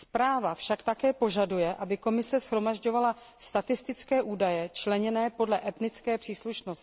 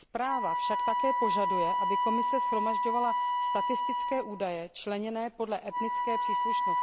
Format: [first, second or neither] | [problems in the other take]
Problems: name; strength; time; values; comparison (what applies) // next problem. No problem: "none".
first | background sound (Wind instrument, woodwind instrument); 4 dB above the speech